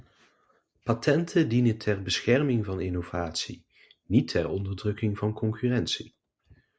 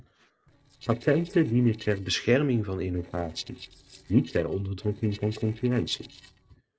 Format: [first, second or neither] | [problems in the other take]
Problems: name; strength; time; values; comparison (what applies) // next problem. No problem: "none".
first | noise reduction (neural separator model SepFormer DNS4)